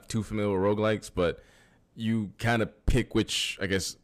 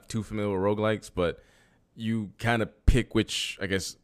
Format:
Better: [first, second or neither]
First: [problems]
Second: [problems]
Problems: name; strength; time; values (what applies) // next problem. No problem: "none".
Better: second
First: distortion; slight; 10 dB below the speech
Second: none